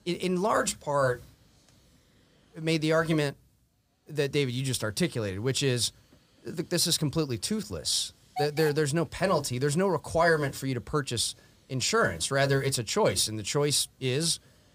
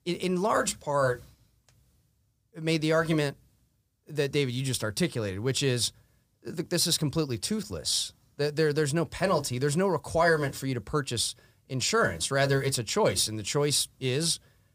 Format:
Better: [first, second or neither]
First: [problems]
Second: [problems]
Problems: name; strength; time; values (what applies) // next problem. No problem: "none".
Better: second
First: hiss; noticeable; throughout; 15 dB below the speech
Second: none